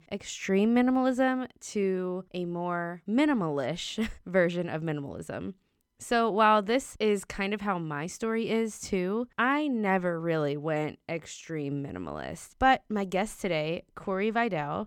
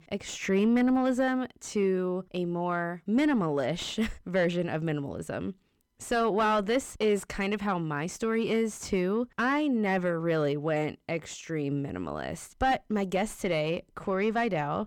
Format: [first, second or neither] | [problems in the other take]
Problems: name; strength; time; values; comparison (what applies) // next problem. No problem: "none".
first | distortion; slight; 10 dB below the speech